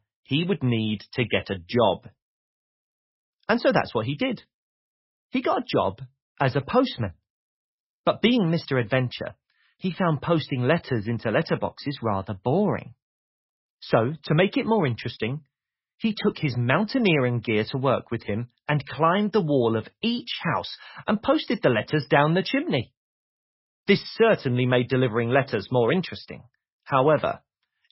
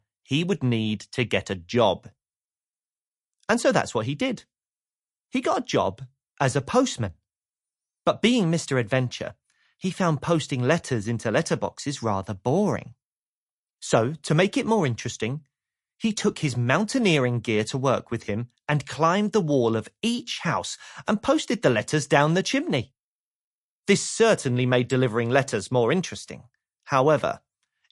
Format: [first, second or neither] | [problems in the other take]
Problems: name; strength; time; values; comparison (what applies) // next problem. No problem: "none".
second | garbled, watery; badly; nothing above 5.5 kHz; slightly in the second